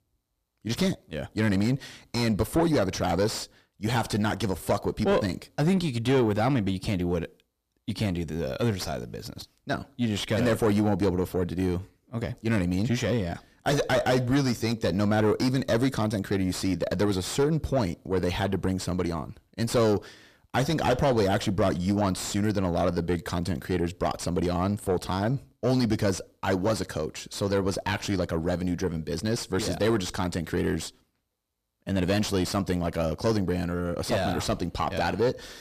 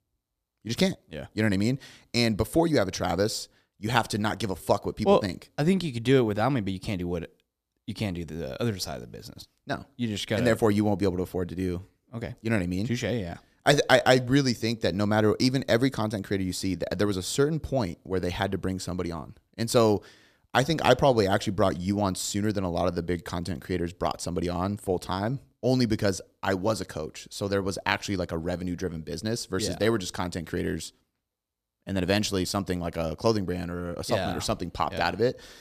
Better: second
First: distortion; heavy; 7 dB below the speech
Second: none

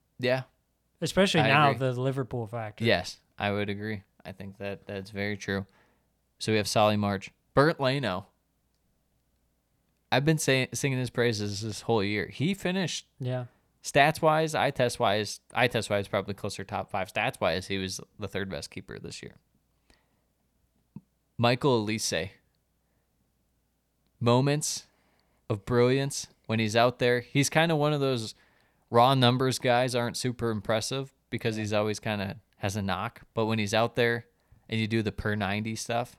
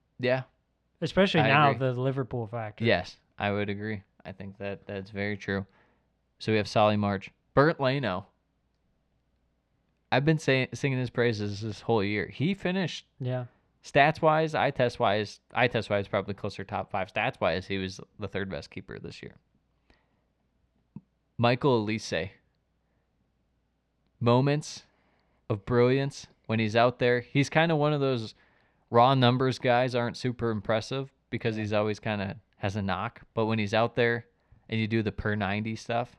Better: first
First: none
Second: muffled; very slightly; fading above 3.5 kHz

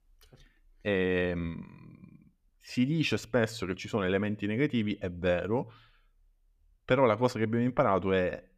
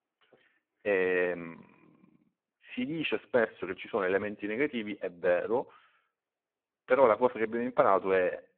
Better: first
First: none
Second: phone-call audio; poor line

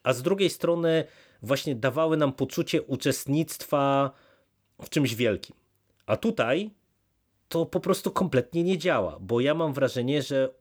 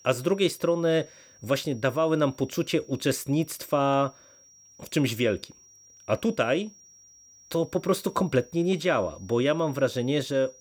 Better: first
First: none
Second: high-pitched whine; faint; throughout; 5.5 kHz, 25 dB below the speech

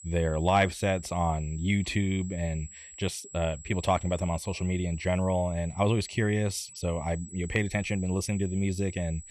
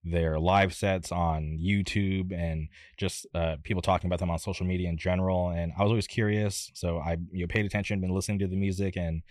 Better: second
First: high-pitched whine; noticeable; throughout; 8 kHz, 15 dB below the speech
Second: none

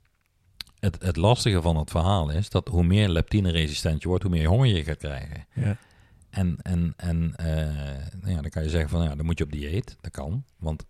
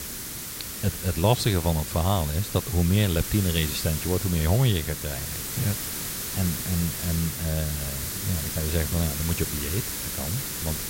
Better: first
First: none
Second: hiss; loud; throughout; 3 dB below the speech

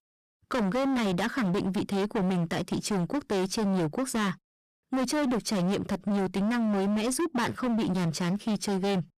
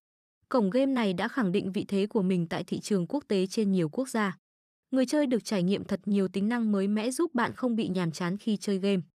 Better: second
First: distortion; heavy; 34% of the sound clipped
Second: none

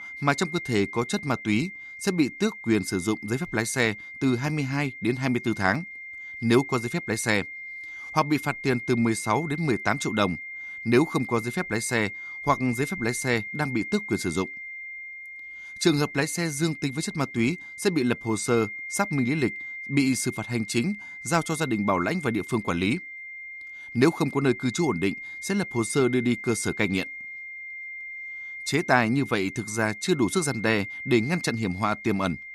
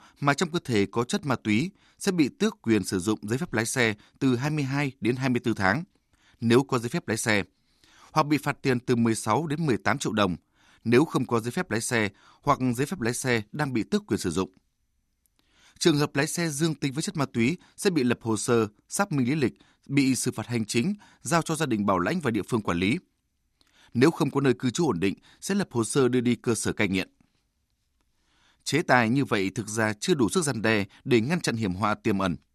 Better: second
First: high-pitched whine; noticeable; throughout; 2 kHz, 10 dB below the speech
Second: none

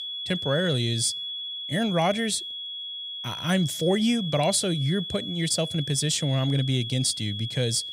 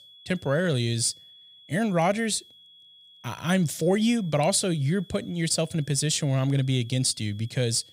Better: second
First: high-pitched whine; loud; throughout; 3.5 kHz, 6 dB below the speech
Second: high-pitched whine; faint; throughout; 3.5 kHz, 25 dB below the speech

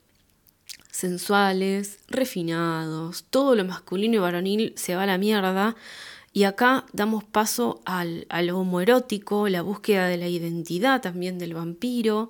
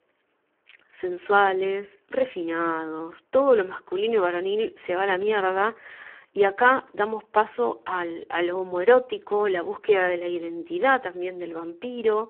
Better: first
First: none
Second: phone-call audio; poor line

